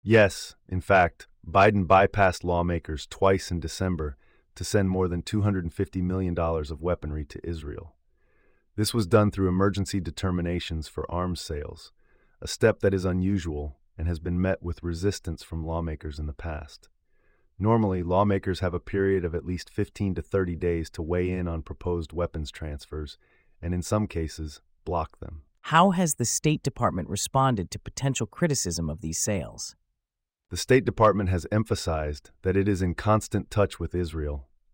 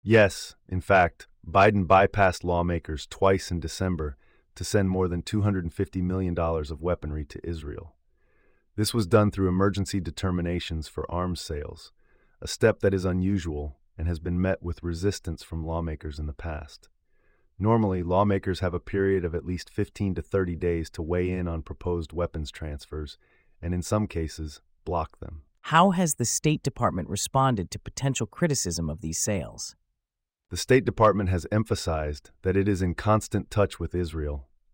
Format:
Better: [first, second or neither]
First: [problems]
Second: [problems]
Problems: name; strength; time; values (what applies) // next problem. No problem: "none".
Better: neither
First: none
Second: none